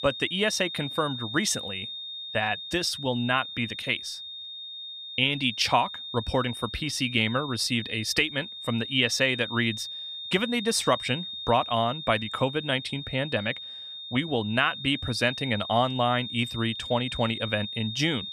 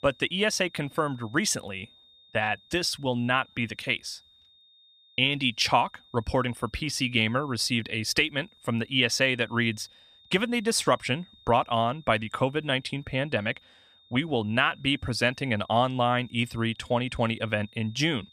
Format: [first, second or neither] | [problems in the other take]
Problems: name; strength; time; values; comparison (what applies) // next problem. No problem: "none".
second | high-pitched whine; loud; throughout; 3.5 kHz, 8 dB below the speech; faint in the second